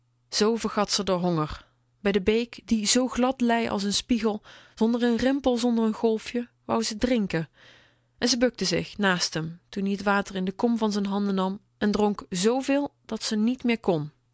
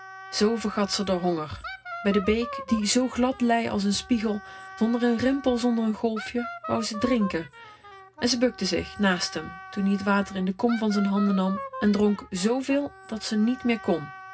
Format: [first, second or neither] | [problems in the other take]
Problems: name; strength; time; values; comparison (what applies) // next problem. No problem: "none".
first | background sound (Wind instrument, woodwind instrument); 15 dB below the speech // room echo; dies away in 0.4 s